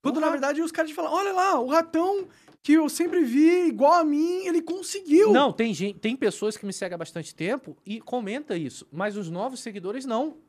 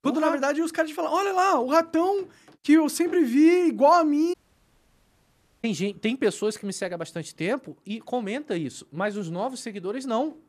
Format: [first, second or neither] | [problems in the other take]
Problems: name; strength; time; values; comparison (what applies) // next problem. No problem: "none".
first | audio cutting out; at 4.5 s for 1.5 s